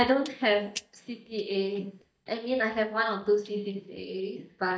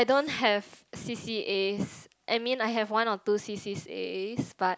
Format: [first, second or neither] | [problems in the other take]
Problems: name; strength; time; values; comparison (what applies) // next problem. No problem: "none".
second | noise reduction (neural mask model DeepFilterNet 3)